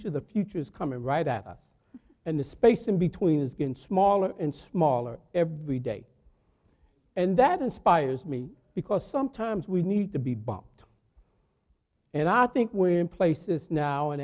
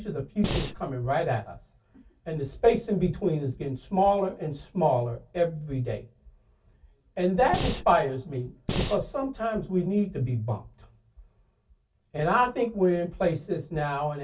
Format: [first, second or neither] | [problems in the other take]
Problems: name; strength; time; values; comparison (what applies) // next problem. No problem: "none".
first | background sound (Breathing); 2 dB below the speech // room echo; dies away in 0.2 s